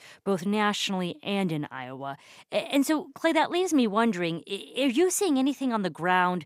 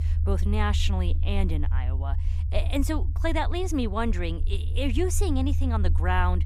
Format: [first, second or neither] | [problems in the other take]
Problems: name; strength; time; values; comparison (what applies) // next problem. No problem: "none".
first | low rumble; noticeable; throughout; 15 dB below the speech